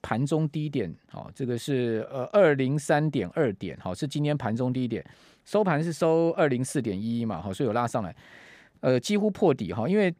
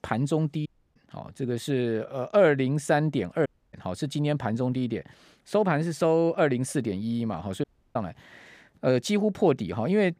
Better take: first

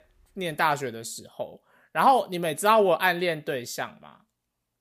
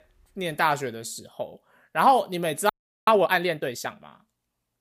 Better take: first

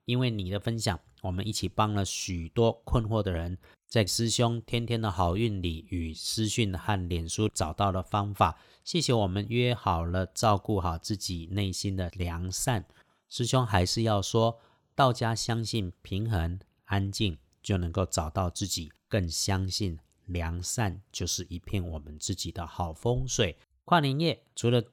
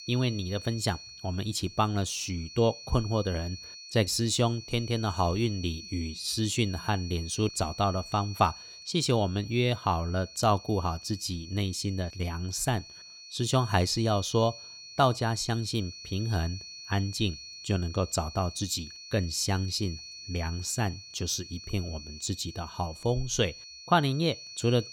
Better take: first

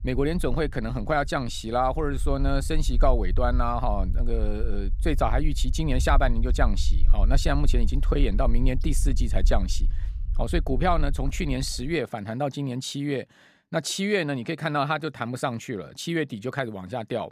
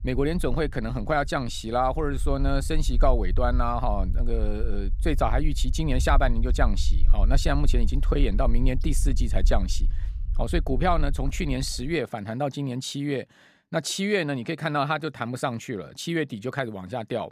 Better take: neither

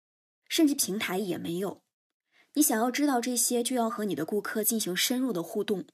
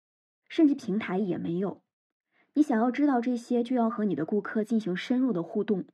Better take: first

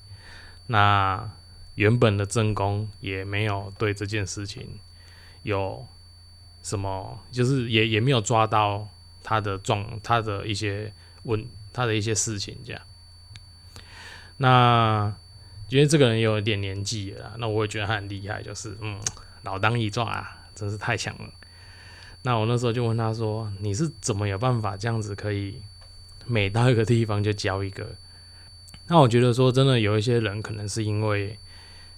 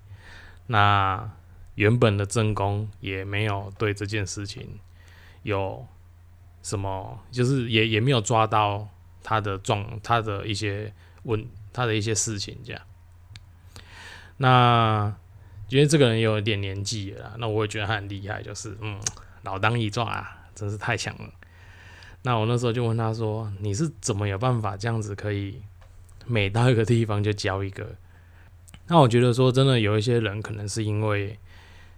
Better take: second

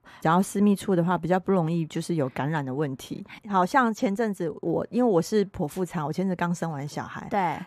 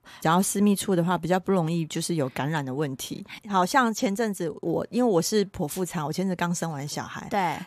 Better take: second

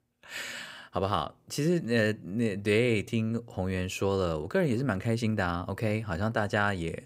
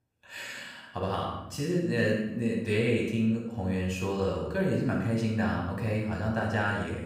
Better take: first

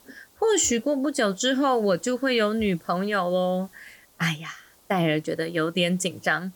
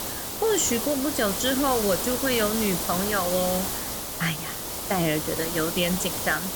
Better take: first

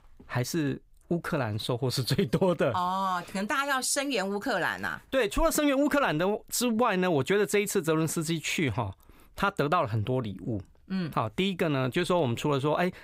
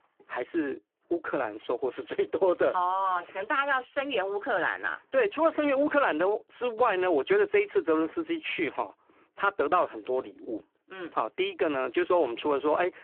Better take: first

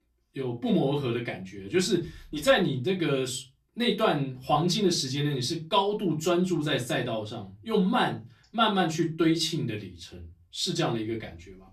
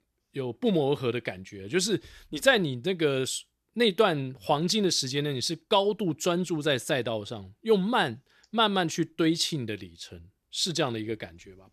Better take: second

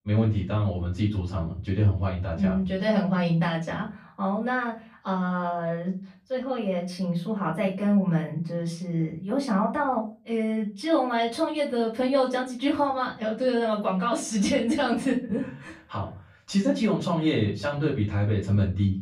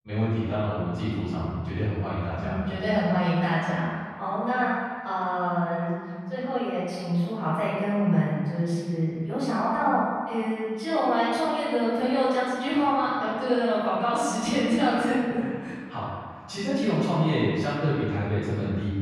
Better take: first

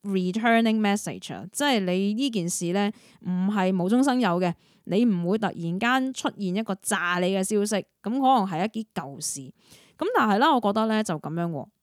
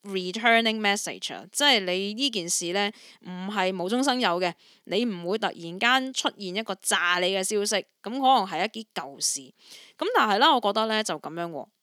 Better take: first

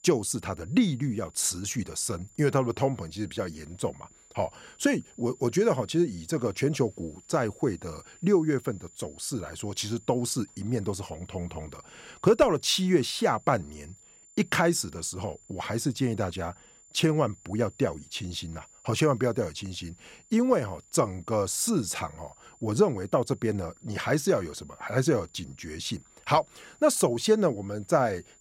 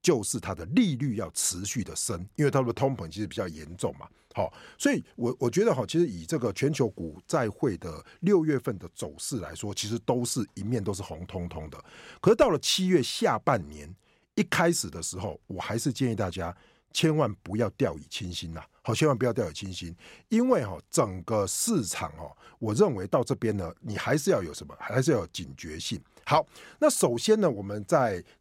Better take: second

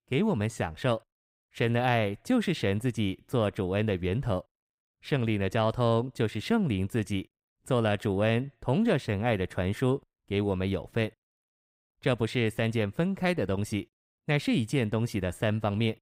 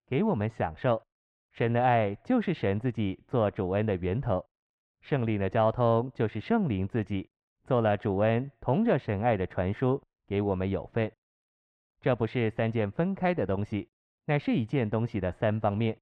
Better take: first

